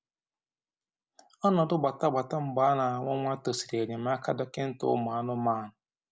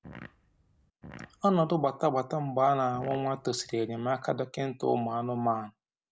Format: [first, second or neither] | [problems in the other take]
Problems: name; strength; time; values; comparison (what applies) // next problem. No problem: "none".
first | background sound (Fart); 19 dB below the speech